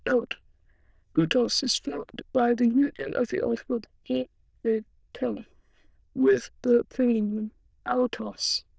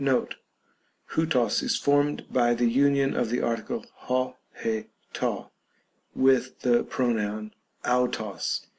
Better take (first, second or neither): second